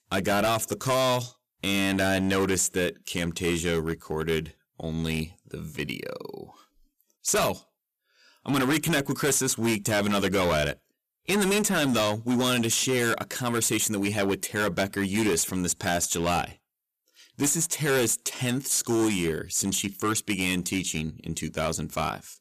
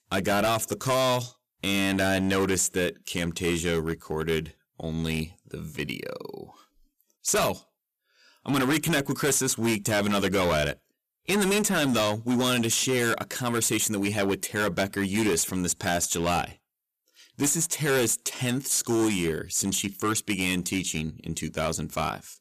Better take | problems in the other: neither | distortion; heavy; 12% of the sound clipped; the same in both

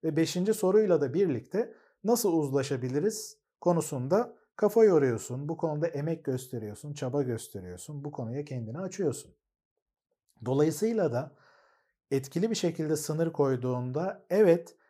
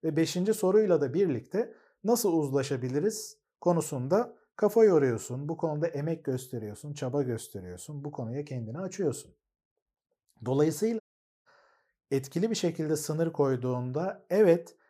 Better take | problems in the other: first | audio cutting out; at 11 s

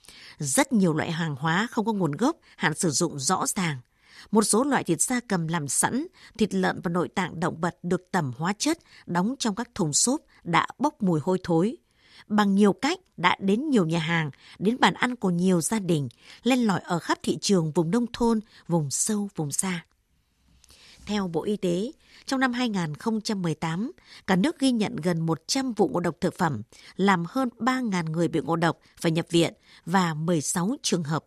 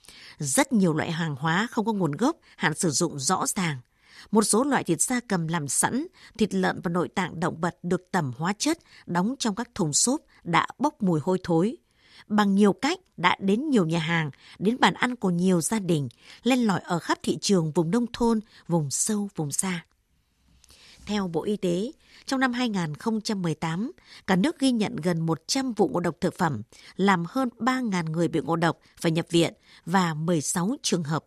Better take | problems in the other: neither | none

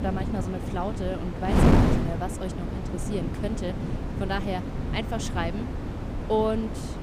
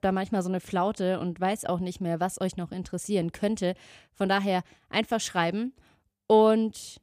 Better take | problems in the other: second | wind noise on the microphone; heavy; 1 dB below the speech

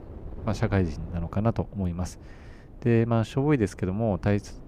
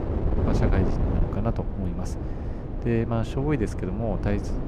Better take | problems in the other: first | wind noise on the microphone; heavy; 4 dB below the speech; occasional gusts in the first

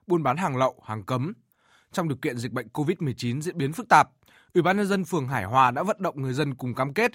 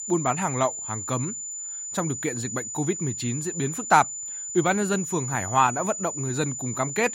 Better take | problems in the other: first | high-pitched whine; loud; throughout; 7 kHz, 5 dB below the speech

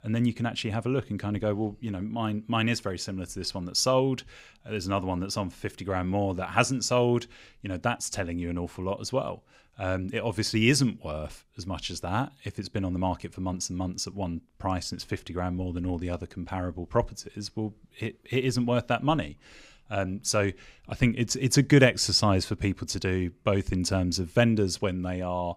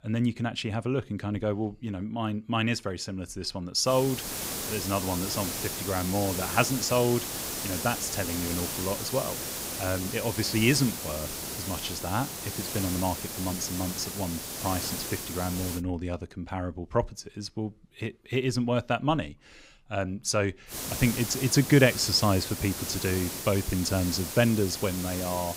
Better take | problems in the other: first | hiss; loud; from 4 to 16 s and from 21 s on; 4 dB below the speech

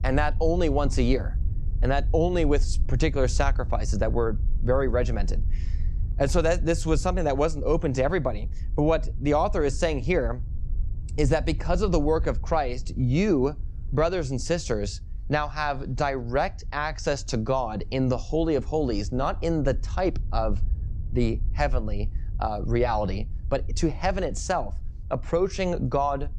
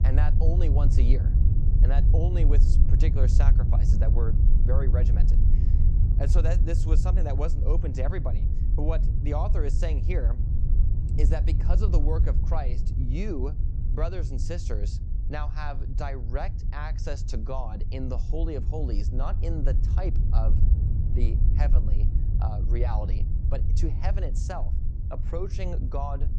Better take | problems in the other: first | low rumble; loud; throughout; 6 dB below the speech; faint in the first

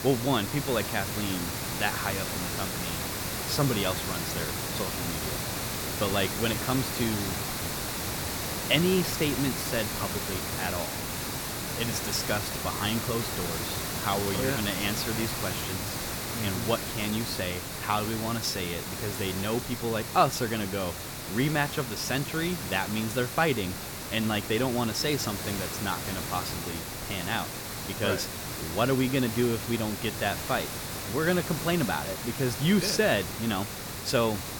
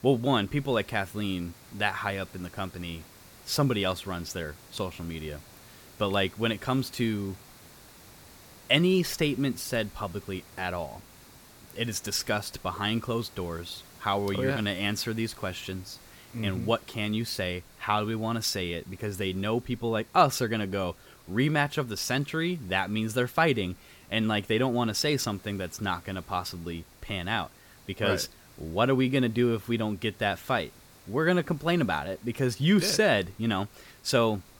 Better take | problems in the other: second | hiss; loud; throughout; 3 dB below the speech; faint in the second

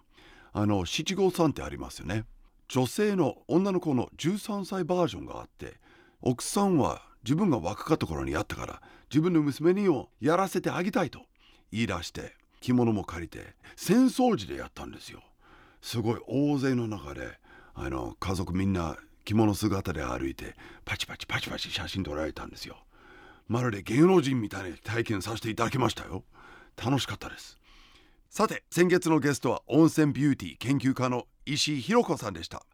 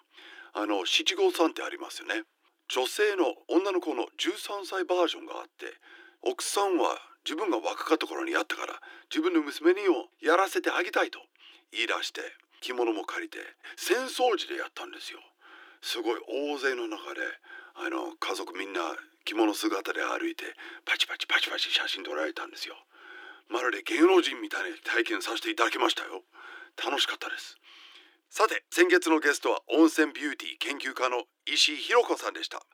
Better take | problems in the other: first | thin; very; fading below 300 Hz

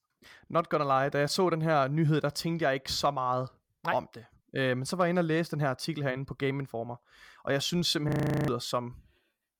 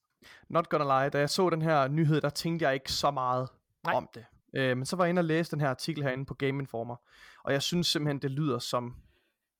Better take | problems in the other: second | audio freezing; at 8 s

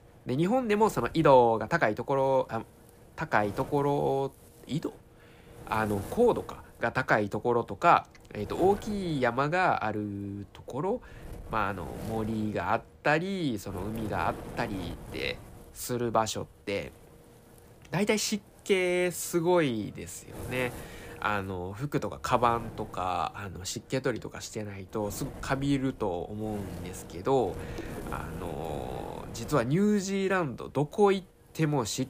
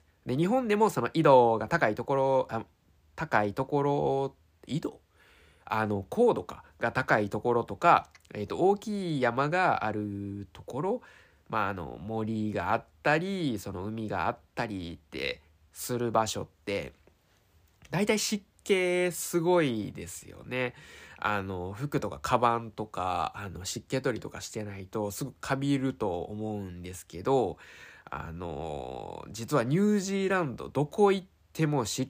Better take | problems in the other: second | wind noise on the microphone; occasional gusts; 20 dB below the speech

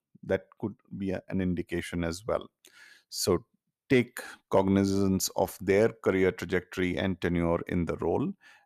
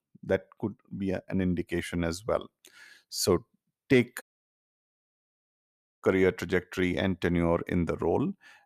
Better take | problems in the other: first | audio cutting out; at 4 s for 2 s

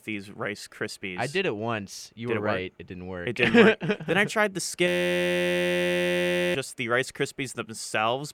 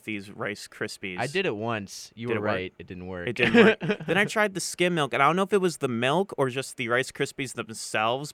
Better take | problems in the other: second | audio freezing; at 5 s for 1.5 s

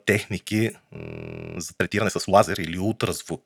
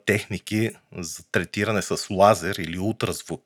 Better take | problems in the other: second | audio freezing; at 1 s for 0.5 s

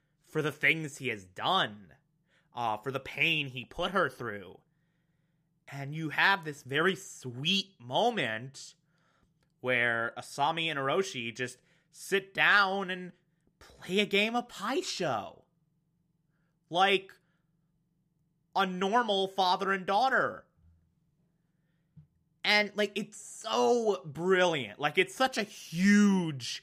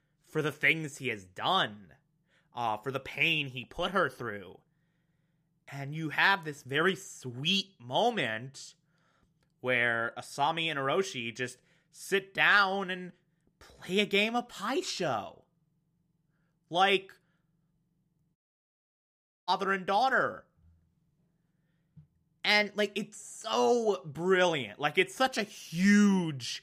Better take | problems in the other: first | audio cutting out; at 18 s for 1 s

